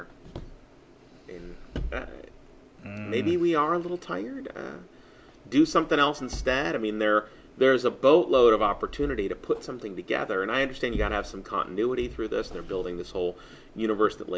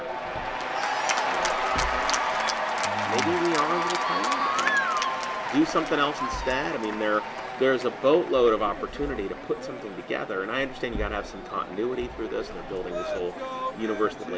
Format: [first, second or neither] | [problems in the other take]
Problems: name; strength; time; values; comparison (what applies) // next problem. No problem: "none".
first | background sound (Applause / Cheering); 1 dB below the speech